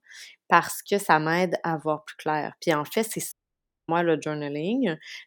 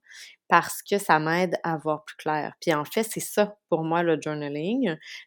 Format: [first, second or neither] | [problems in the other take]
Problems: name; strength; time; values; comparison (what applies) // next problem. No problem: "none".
second | audio cutting out; at 3.5 s for 0.5 s